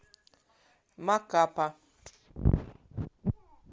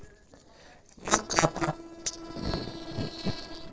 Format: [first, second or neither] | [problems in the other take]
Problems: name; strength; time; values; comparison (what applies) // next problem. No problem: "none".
first | noise reduction (neural separator model SepFormer DNS4)